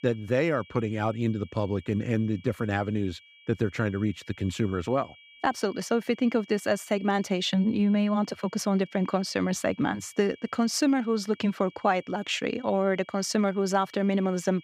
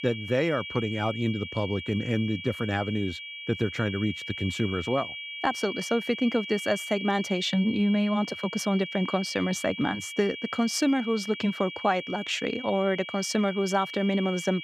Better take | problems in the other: first | high-pitched whine; loud; throughout; 2.5 kHz, 8 dB below the speech; faint in the first

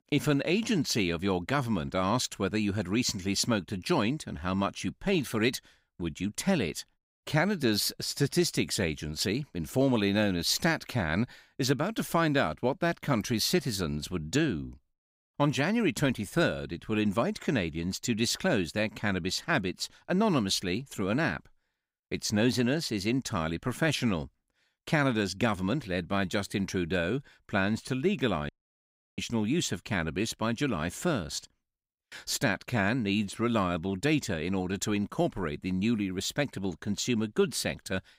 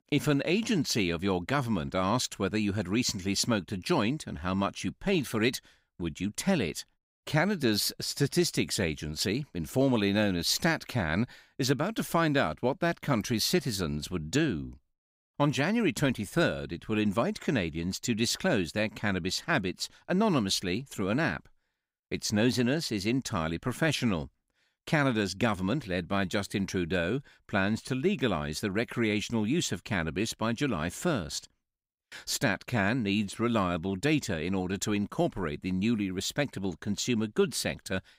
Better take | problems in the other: second | audio cutting out; at 28 s for 0.5 s

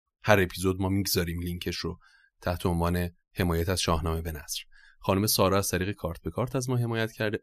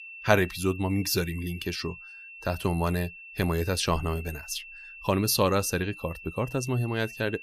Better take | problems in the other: first | high-pitched whine; noticeable; throughout; 2.5 kHz, 15 dB below the speech

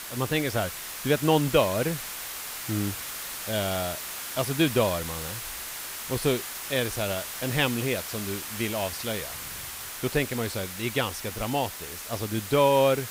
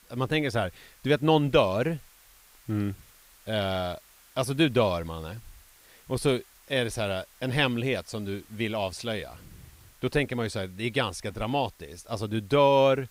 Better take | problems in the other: second | hiss; loud; throughout; 6 dB below the speech; faint in the second

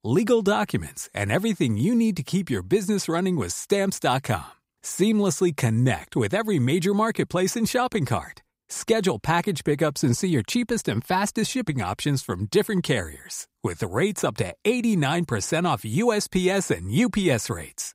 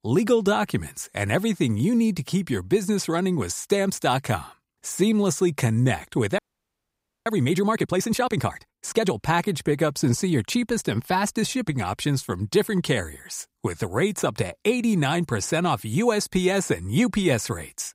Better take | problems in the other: first | audio freezing; at 6.5 s for 1 s

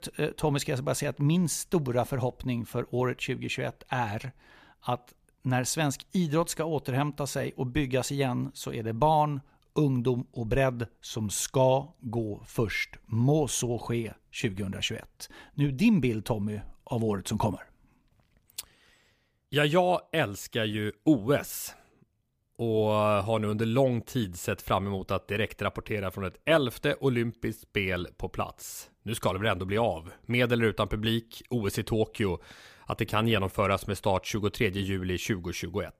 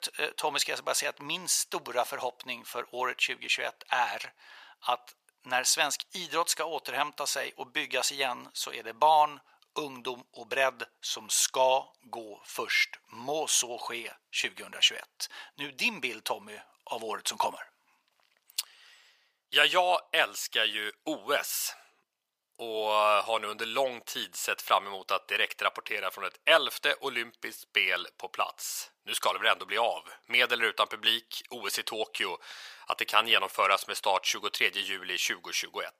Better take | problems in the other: first | thin; very; fading below 900 Hz

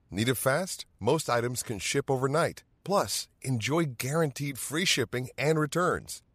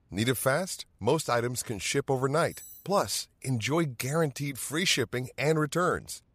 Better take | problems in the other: first | clattering dishes; faint; at 2.5 s; peak 15 dB below the speech

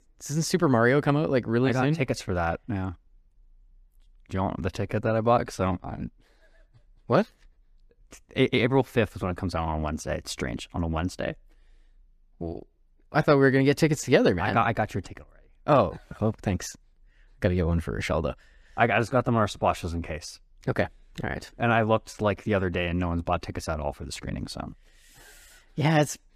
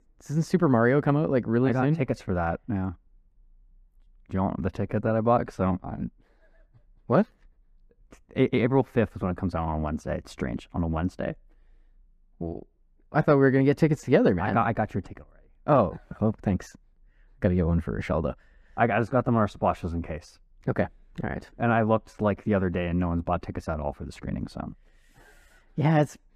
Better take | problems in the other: first | muffled; slightly; fading above 2.5 kHz

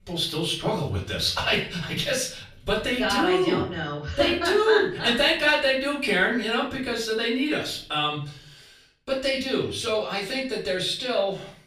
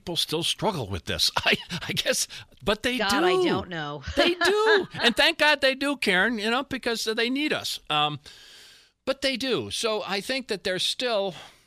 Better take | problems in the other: second | off-mic speech; far // room echo; slight; dies away in 0.5 s

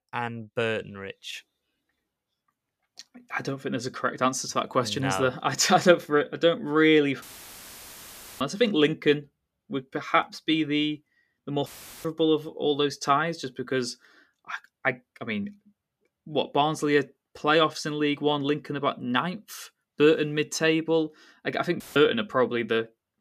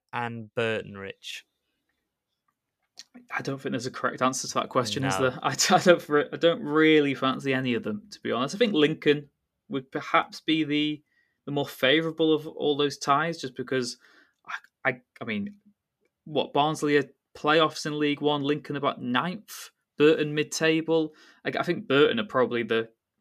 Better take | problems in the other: second | audio cutting out; filled with static; at 7 s for 1 s, at 12 s and at 22 s

